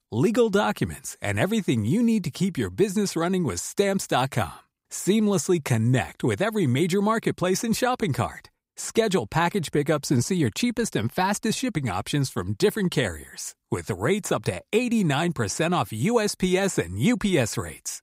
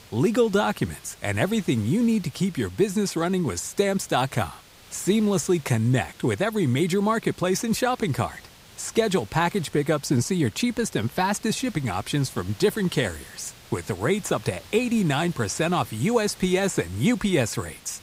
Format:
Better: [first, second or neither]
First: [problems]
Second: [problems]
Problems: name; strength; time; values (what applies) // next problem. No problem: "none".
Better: first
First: none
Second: hiss; faint; throughout; 20 dB below the speech